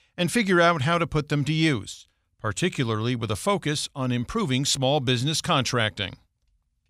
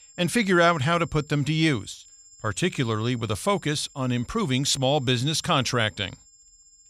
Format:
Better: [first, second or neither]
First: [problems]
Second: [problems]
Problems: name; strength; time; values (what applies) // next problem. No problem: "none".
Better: first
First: none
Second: high-pitched whine; faint; throughout; 7.5 kHz, 25 dB below the speech